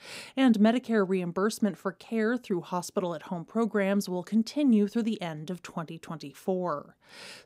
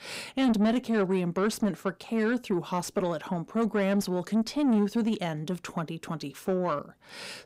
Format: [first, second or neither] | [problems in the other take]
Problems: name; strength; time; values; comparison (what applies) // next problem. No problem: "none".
first | distortion; slight; 10 dB below the speech